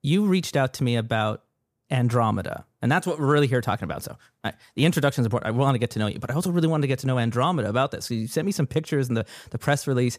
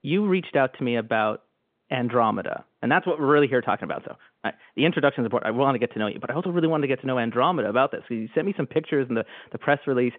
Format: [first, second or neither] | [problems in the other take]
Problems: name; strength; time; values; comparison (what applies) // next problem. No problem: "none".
first | phone-call audio